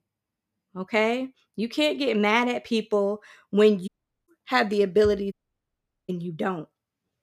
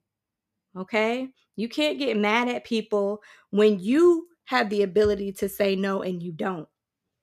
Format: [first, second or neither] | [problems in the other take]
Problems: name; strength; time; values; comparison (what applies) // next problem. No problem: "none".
second | audio cutting out; at 4 s and at 5.5 s for 1 s